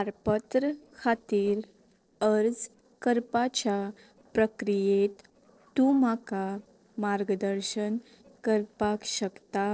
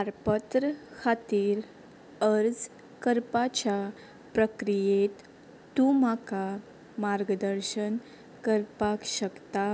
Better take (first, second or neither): second